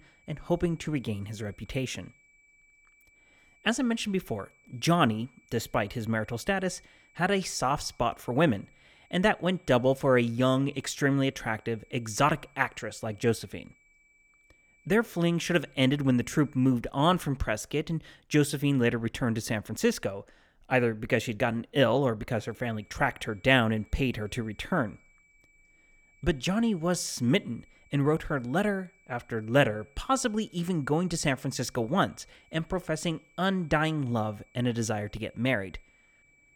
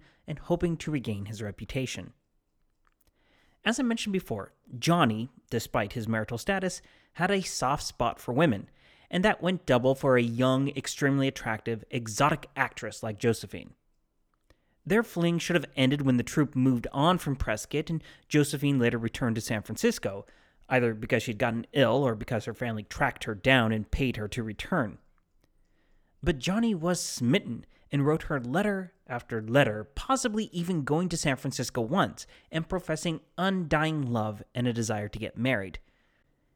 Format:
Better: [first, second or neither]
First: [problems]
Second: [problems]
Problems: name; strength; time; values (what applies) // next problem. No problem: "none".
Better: second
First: high-pitched whine; faint; until 17 s and from 22 s on; 2.5 kHz, 30 dB below the speech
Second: none